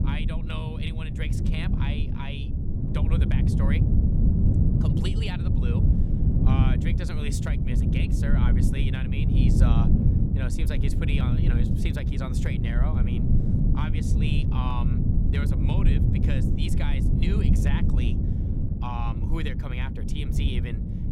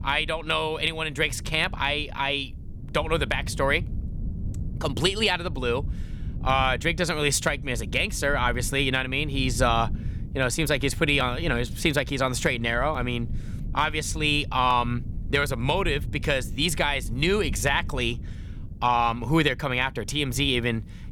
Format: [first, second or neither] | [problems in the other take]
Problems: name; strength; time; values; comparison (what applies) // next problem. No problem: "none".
second | wind noise on the microphone; heavy; 1 dB above the speech; occasional gusts in the second